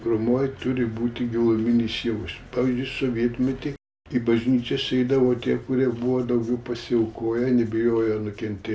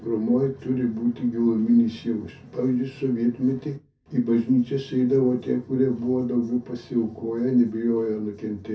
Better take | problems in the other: first | room echo; dies away in 0.3 s

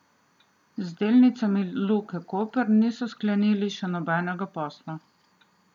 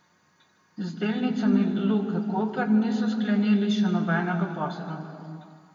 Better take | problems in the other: first | room echo; dies away in 2.3 s

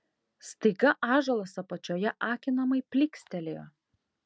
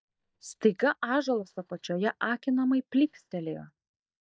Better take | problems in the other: first | noise reduction (neural mask model DeepFilterNet 3)

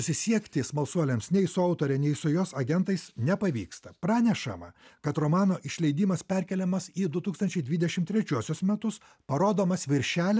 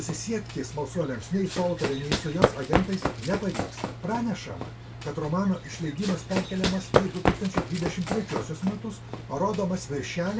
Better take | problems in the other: first | background sound (Run); 1 dB below the speech // room echo; dies away in 0.2 s

